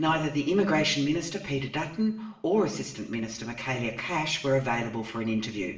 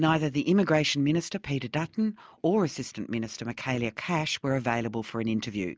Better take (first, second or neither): second